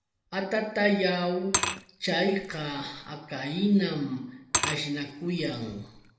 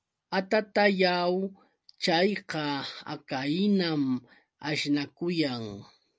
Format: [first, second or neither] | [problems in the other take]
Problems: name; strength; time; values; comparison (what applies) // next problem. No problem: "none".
second | background sound (Glass / Liquid); 7 dB below the speech // room echo; dies away in 0.8 s